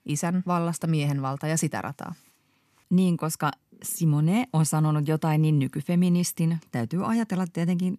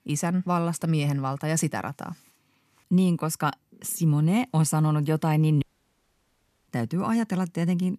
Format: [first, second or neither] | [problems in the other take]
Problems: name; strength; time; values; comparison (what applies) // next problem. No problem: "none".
first | audio cutting out; at 5.5 s for 1 s